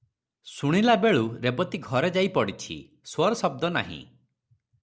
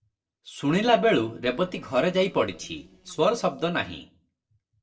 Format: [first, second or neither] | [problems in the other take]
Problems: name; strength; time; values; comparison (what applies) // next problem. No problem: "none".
first | noise reduction (neural separator model SepFormer DNS4)